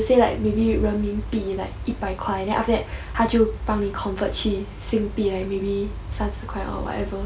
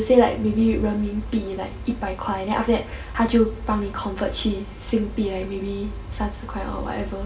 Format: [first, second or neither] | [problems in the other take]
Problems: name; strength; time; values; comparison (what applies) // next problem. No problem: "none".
first | room echo; dies away in 1.3 s